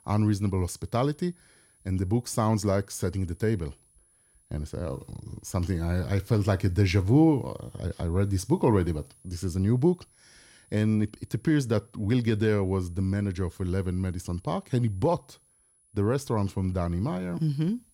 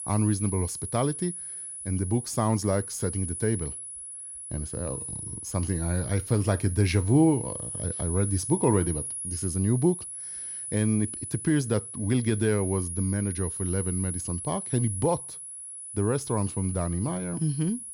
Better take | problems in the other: first | high-pitched whine; loud; throughout; 10 kHz, 6 dB below the speech; faint in the first

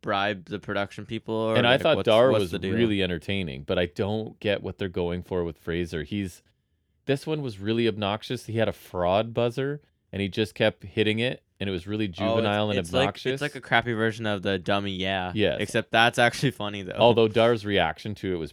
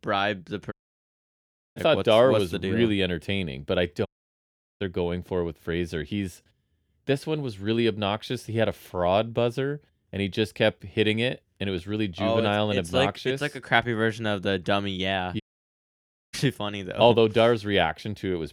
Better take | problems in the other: first | audio cutting out; at 0.5 s for 1 s, at 4 s for 0.5 s and at 15 s for 1 s

